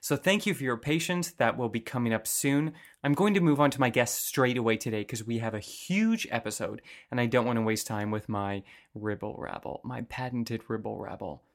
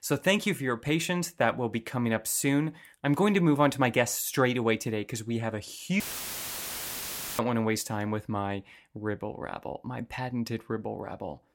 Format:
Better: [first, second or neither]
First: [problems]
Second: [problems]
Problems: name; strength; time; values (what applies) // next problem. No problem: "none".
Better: first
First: none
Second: audio cutting out; filled with static; at 6 s for 1.5 s